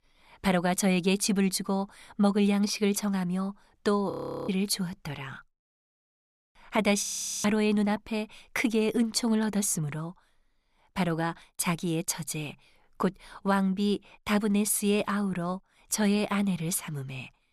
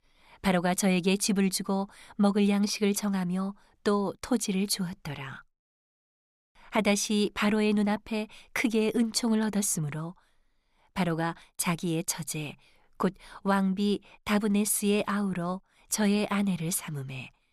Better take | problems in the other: second | audio freezing; at 4 s and at 7 s

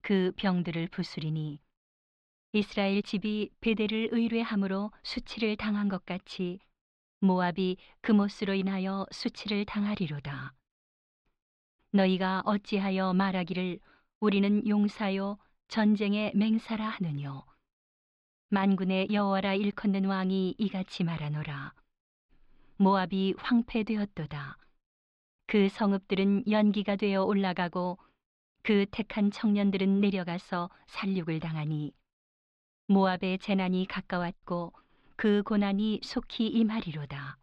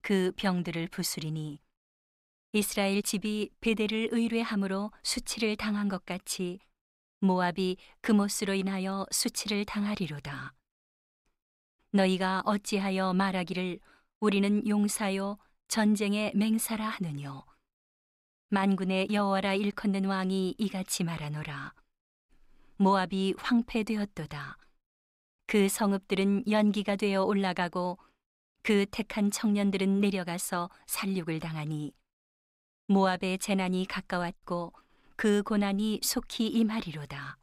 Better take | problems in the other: second | muffled; very slightly; fading above 4 kHz

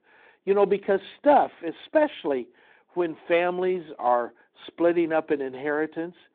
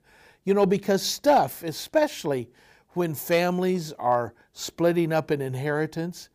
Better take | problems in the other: second | phone-call audio; nothing above 3.5 kHz

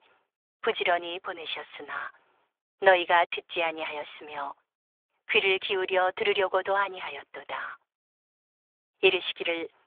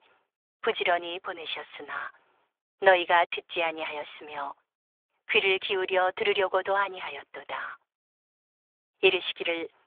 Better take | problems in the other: neither | phone-call audio; nothing above 3.5 kHz; the same in both

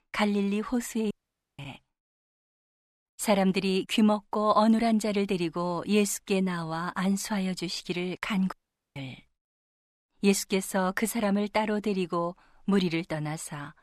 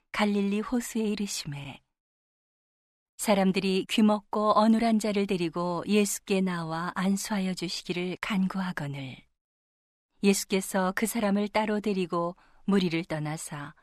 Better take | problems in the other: second | audio cutting out; at 1 s and at 8.5 s

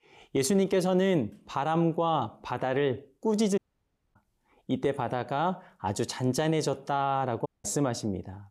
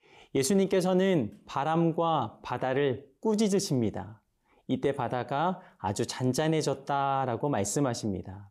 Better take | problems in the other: second | audio cutting out; at 3.5 s for 0.5 s and at 7.5 s

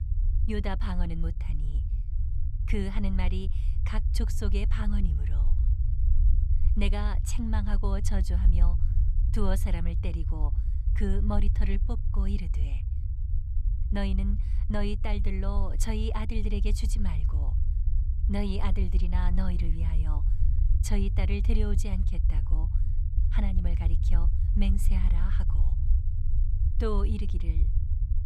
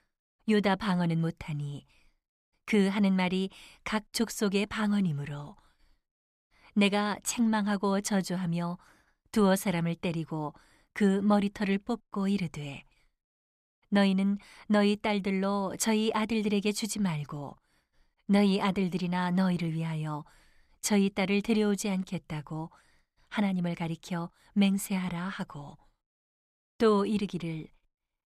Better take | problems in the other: second | low rumble; loud; throughout; 9 dB below the speech

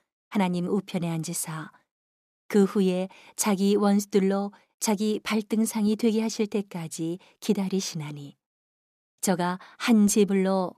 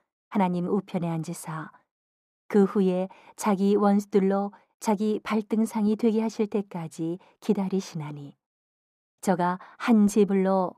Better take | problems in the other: first | muffled; slightly; fading above 2.5 kHz

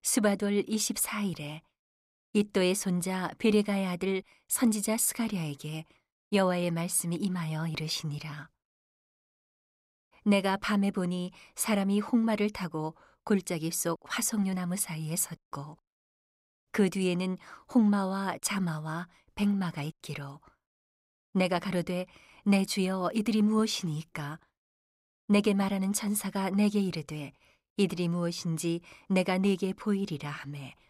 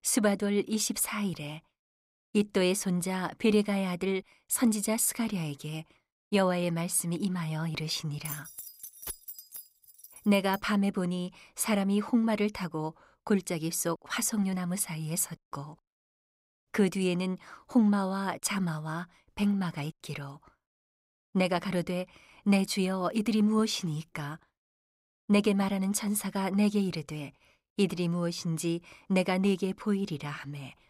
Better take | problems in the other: first | jangling keys; noticeable; from 8.5 to 11 s; peak 9 dB below the speech

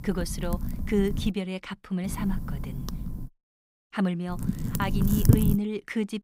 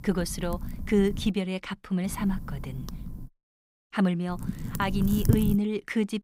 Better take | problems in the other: second | wind noise on the microphone; heavy; until 1.5 s, from 2 to 3.5 s and from 4.5 to 5.5 s; 5 dB below the speech; occasional gusts in the second

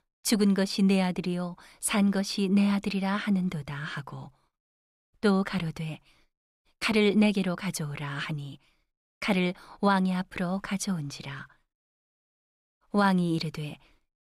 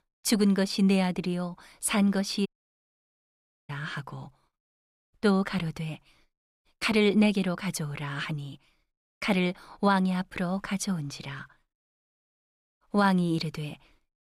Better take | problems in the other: first | audio cutting out; at 2.5 s for 1 s

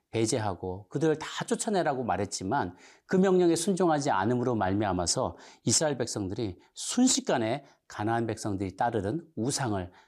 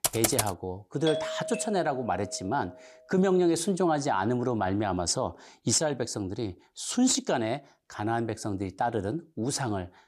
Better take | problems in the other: first | keyboard typing; loud; at the start; peak 3 dB above the speech // doorbell; noticeable; from 1 to 2.5 s; peak 4 dB below the speech

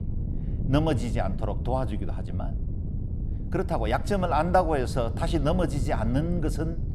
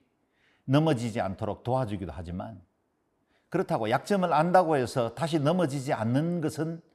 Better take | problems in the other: second | wind noise on the microphone; occasional gusts; 15 dB below the speech

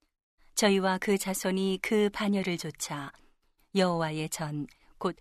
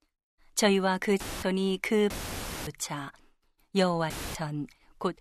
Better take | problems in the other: first | audio cutting out; filled with static; at 1 s, at 2 s for 0.5 s and at 4 s

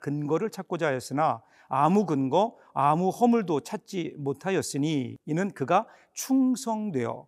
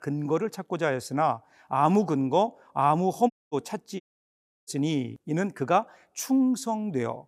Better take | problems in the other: first | audio cutting out; at 3.5 s and at 4 s for 0.5 s

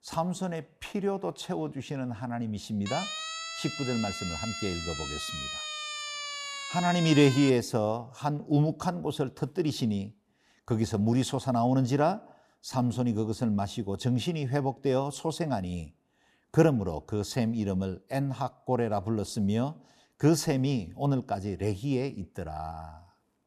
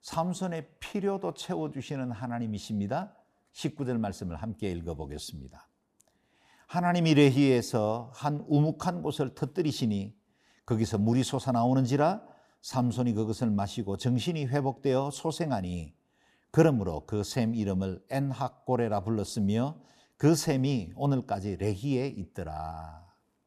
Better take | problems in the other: second | siren; noticeable; from 3 to 7.5 s; peak 4 dB below the speech

